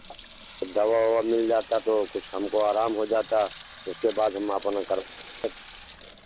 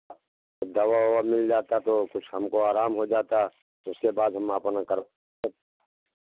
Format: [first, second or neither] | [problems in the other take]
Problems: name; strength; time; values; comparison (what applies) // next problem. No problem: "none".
second | background sound (Sink (filling or washing) / Water tap, faucet); 18 dB below the speech